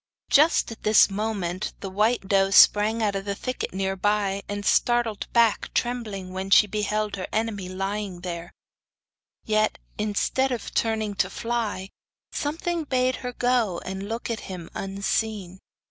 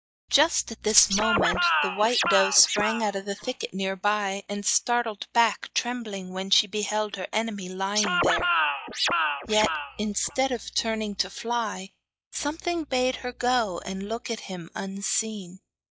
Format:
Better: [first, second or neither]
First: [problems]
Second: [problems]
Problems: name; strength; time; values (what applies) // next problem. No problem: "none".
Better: first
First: none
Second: noise reduction (classical method log-MMSE)